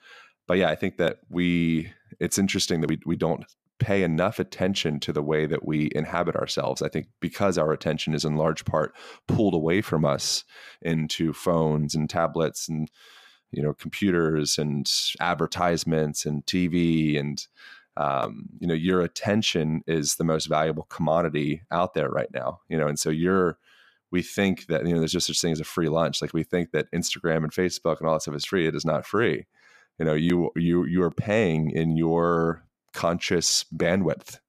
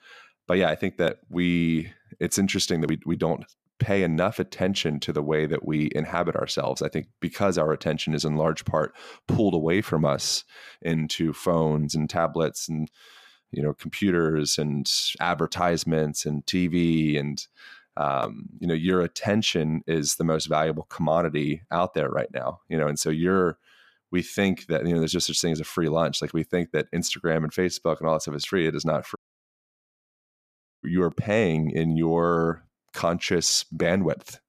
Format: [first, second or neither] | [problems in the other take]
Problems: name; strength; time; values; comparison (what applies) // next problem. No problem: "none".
first | audio cutting out; at 29 s for 1.5 s